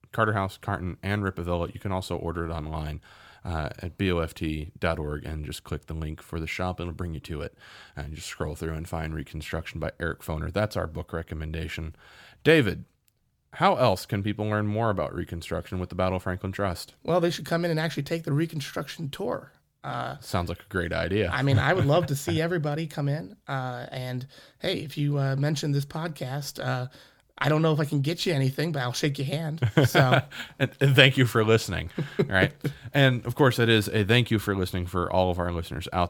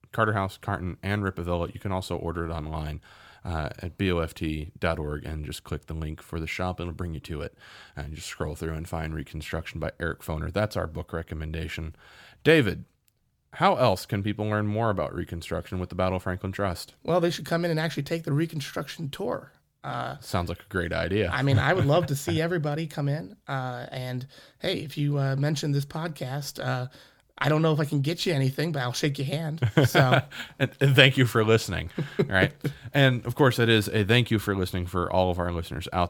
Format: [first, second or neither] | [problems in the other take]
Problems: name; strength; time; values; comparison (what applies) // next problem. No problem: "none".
neither | none